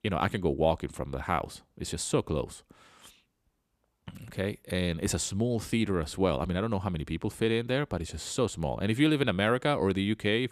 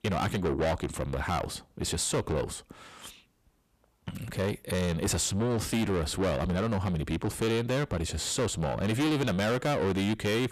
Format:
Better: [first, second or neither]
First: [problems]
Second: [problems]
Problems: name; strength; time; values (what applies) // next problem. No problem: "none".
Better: first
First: none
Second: distortion; heavy; 6 dB below the speech